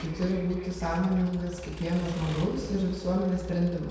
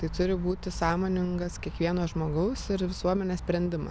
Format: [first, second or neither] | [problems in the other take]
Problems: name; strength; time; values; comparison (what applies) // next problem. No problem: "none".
second | background sound (Accelerating, revving, vroom / Mechanisms); 18 dB below the speech // room echo; dies away in 1.1 s